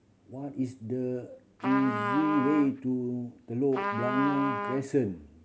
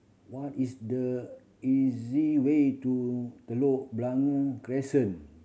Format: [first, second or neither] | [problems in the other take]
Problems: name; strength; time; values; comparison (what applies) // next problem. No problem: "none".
second | background sound (Trumpet); 4 dB below the speech